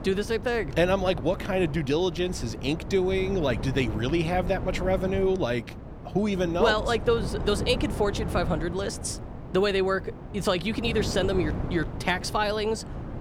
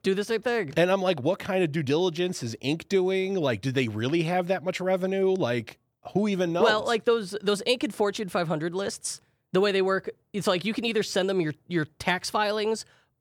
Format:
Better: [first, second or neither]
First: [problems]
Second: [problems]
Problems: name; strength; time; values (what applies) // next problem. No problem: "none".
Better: second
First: wind noise on the microphone; occasional gusts; 15 dB below the speech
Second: none